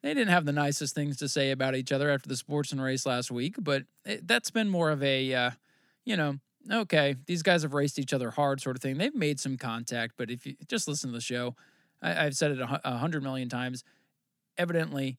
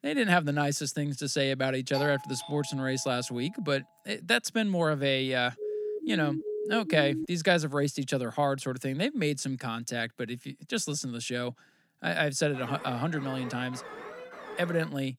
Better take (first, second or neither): first